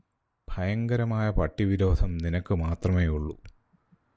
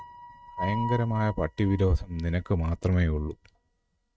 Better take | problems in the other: first | noise reduction (neural mask model RNNoise)

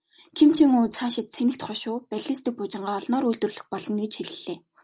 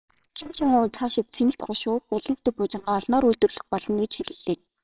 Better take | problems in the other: first | noise reduction (neural separator model SepFormer WHAMR!)

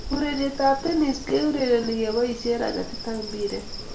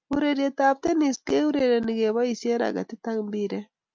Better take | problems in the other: second | background sound (Insect); 11 dB below the speech // room echo; dies away in 0.5 s

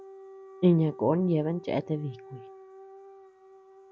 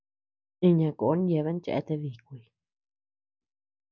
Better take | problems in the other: second | background sound (Siren / Dog); 18 dB below the speech

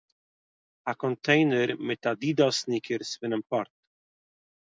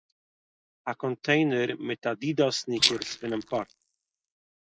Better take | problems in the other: first | noise reduction (neural mask model Resemble Enhance denoiser)

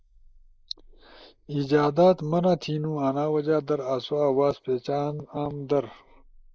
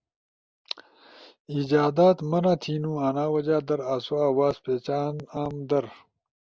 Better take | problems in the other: second | noise reduction (neural mask model Resemble Enhance denoiser)

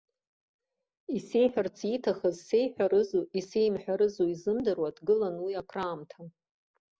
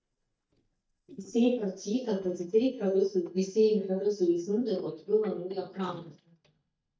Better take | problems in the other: first | noise reduction (neural mask model DeepFilterNet 3)

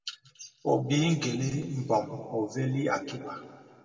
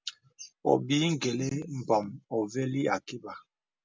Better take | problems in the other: second | room echo; dies away in 2.1 s

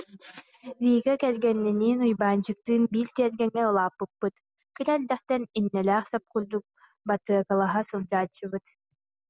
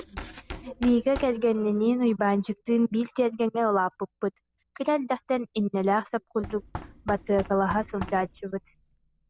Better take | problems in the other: first | background sound (Knock); 17 dB below the speech

